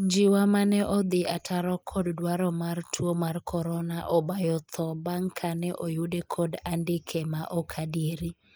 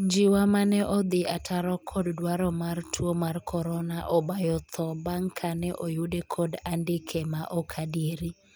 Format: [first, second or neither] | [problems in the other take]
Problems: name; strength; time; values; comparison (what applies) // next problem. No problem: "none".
second | noise reduction (neural mask model Resemble Enhance denoiser)